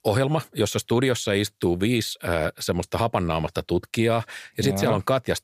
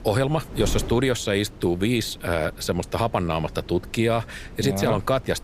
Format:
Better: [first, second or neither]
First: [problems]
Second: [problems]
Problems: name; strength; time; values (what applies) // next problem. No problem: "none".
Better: first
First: none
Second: wind noise on the microphone; occasional gusts; 20 dB below the speech